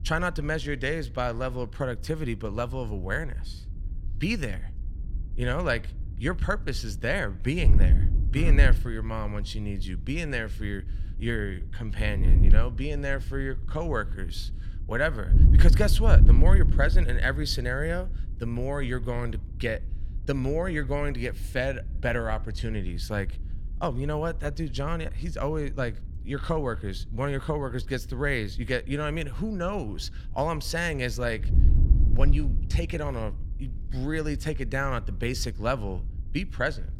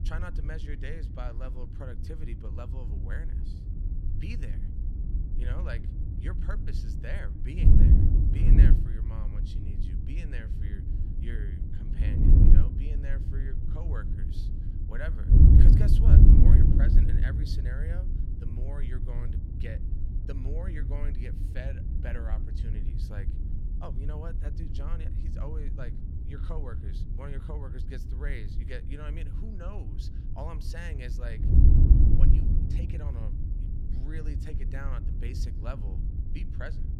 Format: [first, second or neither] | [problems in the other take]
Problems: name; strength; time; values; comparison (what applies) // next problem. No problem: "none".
first | wind noise on the microphone; heavy; 2 dB above the speech; occasional gusts in the first